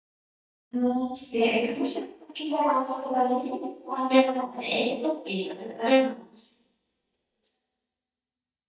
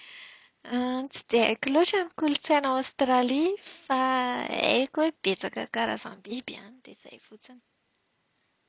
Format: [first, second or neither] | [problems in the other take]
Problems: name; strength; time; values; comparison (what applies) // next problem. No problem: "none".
second | noise reduction (neural mask model DeepFilterNet 3)